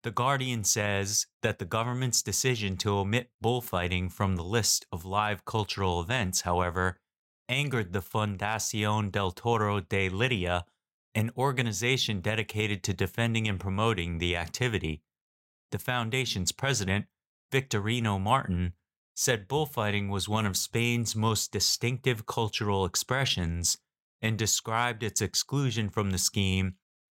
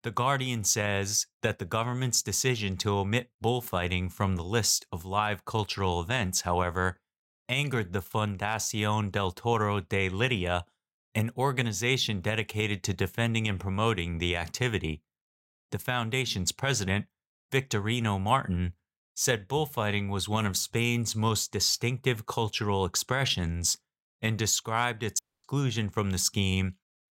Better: first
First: none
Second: audio cutting out; at 25 s

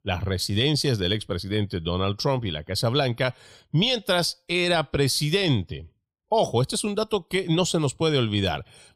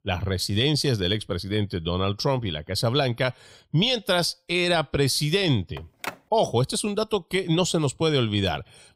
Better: first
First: none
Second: phone ringing; faint; at 6 s; peak 10 dB below the speech

